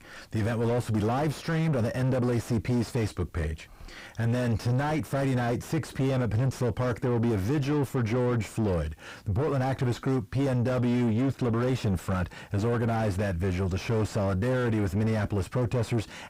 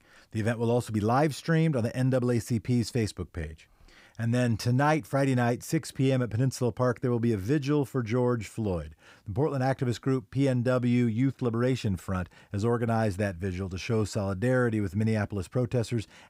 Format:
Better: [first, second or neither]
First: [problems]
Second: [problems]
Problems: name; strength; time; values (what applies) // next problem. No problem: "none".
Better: second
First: distortion; heavy; 7 dB below the speech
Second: none